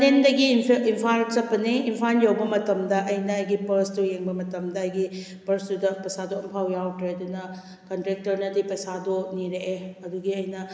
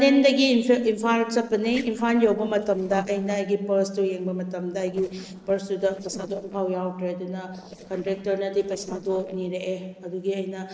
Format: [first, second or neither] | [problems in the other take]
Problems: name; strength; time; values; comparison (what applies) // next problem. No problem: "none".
first | noise reduction (neural separator model SepFormer DNS4)